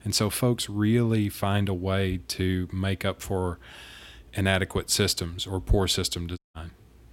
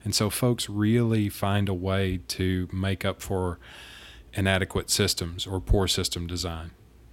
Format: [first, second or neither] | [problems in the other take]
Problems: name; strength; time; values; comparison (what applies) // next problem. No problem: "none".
second | audio cutting out; at 6.5 s